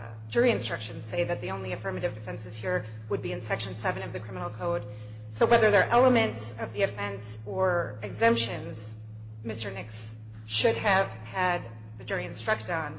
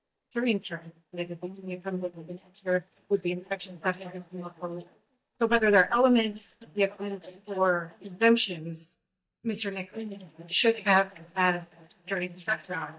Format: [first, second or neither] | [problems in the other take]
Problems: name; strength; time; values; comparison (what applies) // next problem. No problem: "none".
first | noise reduction (neural mask model DeepFilterNet 3)